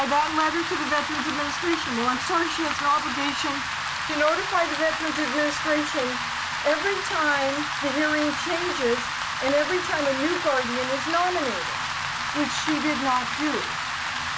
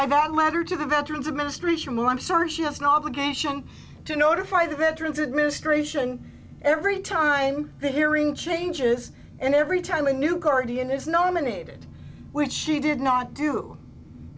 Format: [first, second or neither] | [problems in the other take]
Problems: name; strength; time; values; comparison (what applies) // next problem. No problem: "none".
second | background sound (Rain); 2 dB below the speech